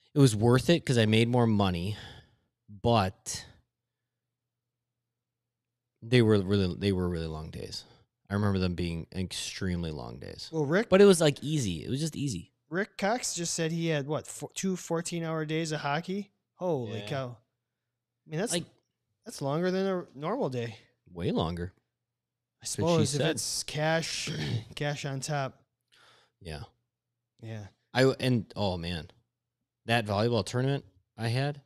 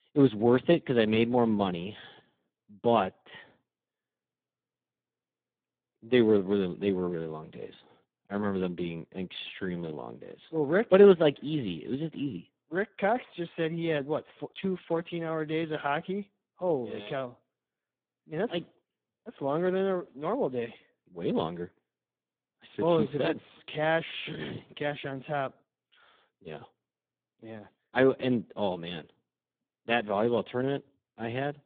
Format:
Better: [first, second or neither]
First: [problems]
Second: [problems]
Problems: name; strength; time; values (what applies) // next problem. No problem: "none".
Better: first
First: none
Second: phone-call audio; poor line; nothing above 3.5 kHz